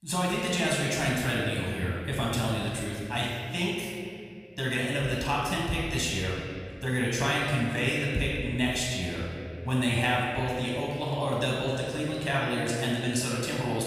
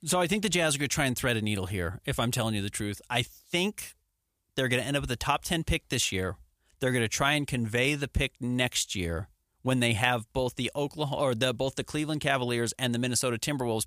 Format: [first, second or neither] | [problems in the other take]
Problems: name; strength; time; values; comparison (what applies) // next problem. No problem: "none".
second | room echo; strong; dies away in 2.1 s // off-mic speech; far